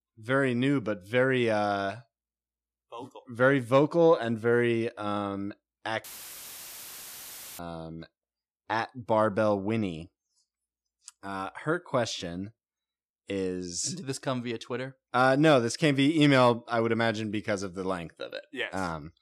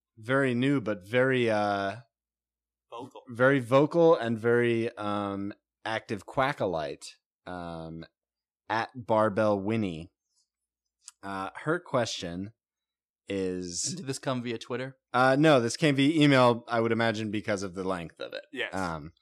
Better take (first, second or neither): second